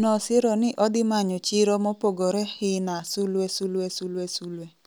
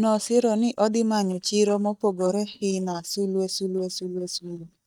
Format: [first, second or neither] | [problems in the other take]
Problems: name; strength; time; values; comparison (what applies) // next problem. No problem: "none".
first | noise reduction (neural mask model DeepFilterNet 3)